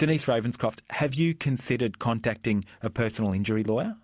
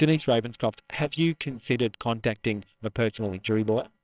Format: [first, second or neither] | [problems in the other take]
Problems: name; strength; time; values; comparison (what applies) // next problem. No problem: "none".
first | noise reduction (neural separator model SepFormer WHAMR!)